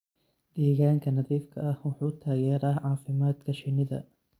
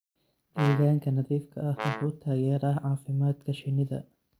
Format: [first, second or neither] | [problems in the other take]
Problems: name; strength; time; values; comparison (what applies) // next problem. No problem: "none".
first | background sound (Brass instrument); 10 dB below the speech